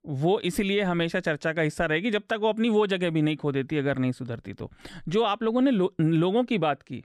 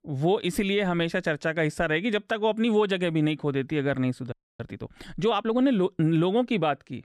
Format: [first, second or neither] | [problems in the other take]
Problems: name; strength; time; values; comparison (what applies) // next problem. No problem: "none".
first | audio freezing; at 4.5 s